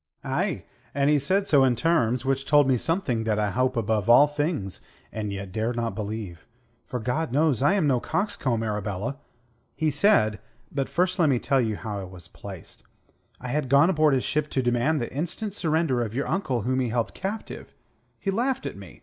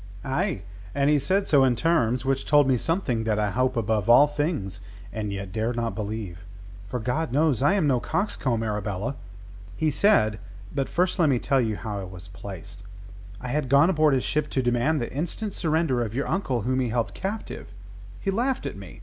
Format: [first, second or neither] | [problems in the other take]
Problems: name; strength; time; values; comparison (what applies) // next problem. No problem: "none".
first | background sound (Mechanical fan); 11 dB below the speech